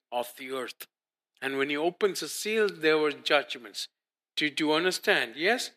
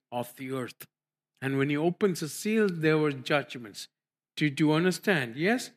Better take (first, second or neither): second